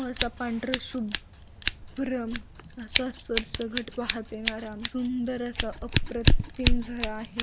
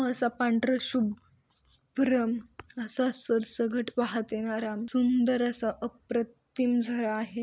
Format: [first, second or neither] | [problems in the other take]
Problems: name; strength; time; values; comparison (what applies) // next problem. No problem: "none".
second | background sound (Scissors); 4 dB above the speech